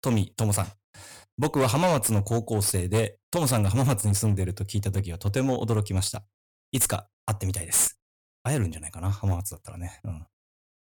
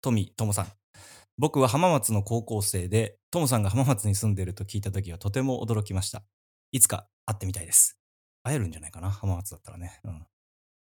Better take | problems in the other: second | distortion; heavy; 10% of the sound clipped

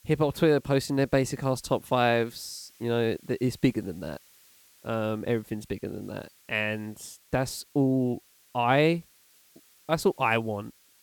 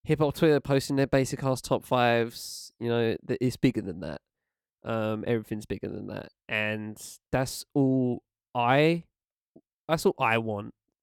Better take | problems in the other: second | hiss; faint; throughout; 30 dB below the speech

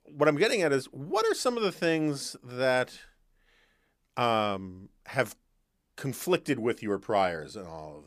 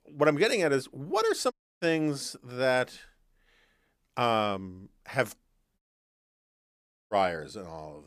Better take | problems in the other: first | audio cutting out; at 1.5 s and at 6 s for 1.5 s

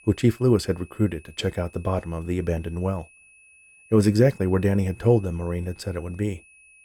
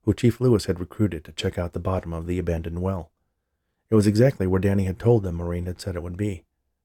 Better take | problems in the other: second | high-pitched whine; faint; throughout; 2.5 kHz, 25 dB below the speech

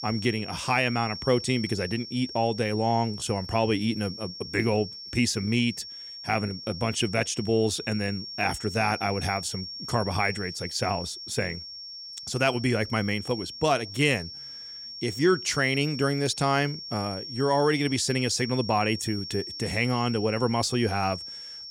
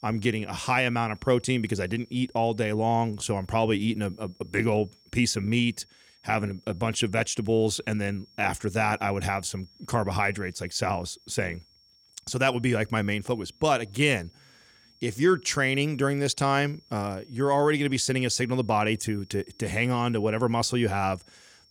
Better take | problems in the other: second | high-pitched whine; loud; throughout; 5.5 kHz, 10 dB below the speech; faint in the second

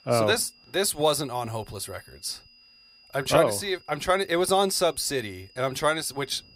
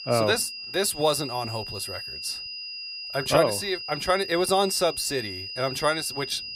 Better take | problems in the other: first | high-pitched whine; loud; throughout; 5 kHz, 8 dB below the speech; faint in the first

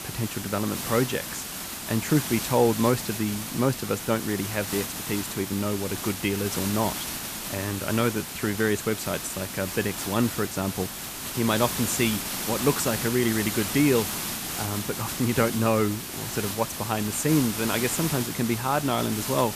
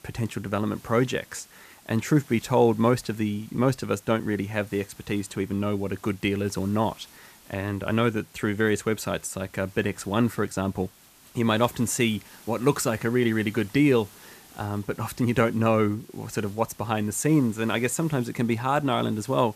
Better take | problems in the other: second | hiss; loud; throughout; 4 dB below the speech; faint in the second

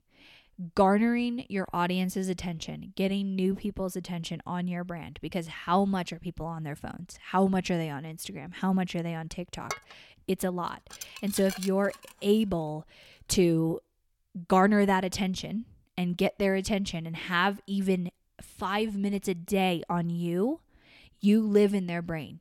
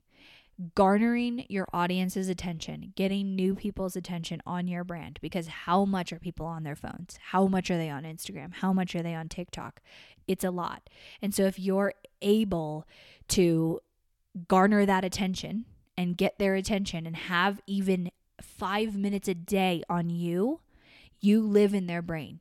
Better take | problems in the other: second | clattering dishes; noticeable; from 9.5 to 12 s; peak 10 dB below the speech

